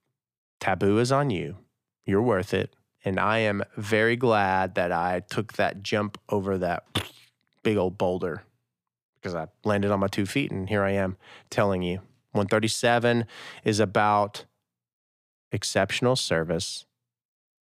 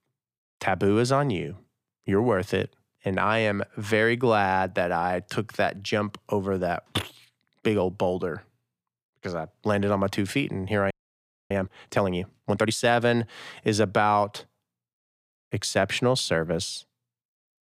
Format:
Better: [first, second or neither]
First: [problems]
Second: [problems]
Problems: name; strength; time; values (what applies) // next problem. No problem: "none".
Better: first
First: none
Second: audio freezing; at 11 s for 0.5 s